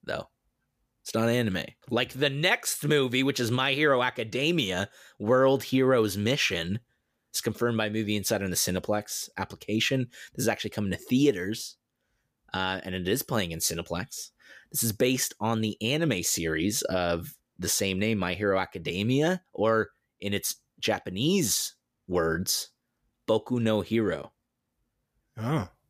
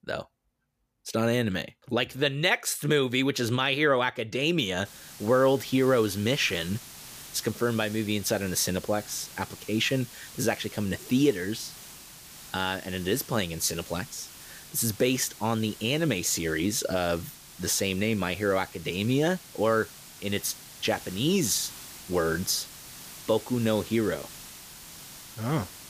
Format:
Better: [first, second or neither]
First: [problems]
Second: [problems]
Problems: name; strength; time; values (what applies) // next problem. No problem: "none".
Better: first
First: none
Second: hiss; noticeable; from 5 s on; 15 dB below the speech